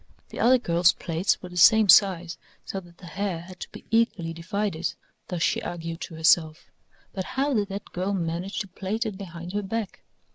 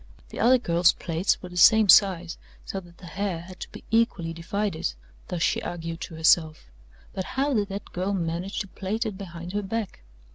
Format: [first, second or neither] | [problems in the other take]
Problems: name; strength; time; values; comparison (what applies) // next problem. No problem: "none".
second | noise reduction (neural mask model Resemble Enhance denoiser)